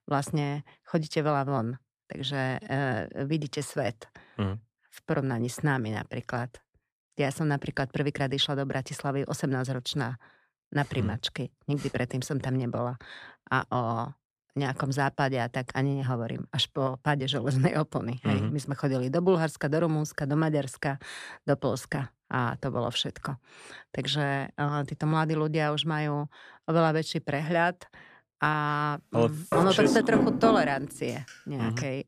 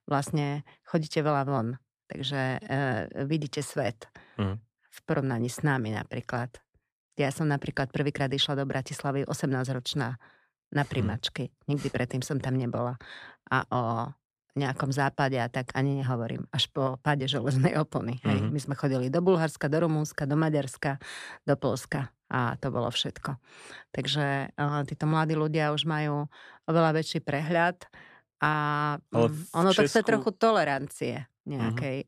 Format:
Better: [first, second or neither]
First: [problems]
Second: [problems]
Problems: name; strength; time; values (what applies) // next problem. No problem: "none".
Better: second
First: door banging; loud; from 30 s on; peak 4 dB above the speech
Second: none